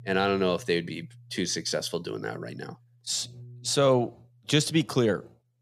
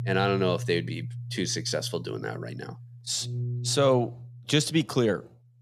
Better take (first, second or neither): first